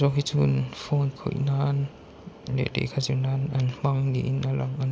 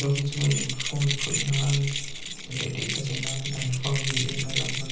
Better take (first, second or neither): first